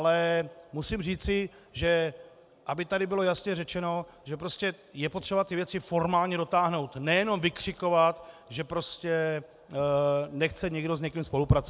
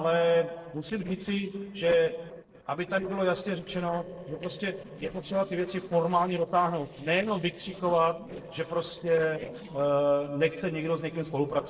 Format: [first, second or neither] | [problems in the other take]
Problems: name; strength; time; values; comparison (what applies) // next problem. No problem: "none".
first | noise reduction (neural separator model SepFormer DNS4)